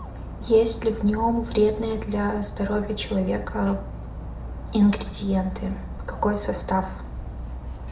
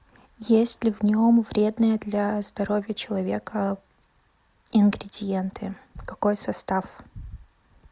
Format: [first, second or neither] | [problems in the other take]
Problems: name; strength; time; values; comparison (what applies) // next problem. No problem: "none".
second | background sound (Dog); 9 dB below the speech // room echo; dies away in 0.5 s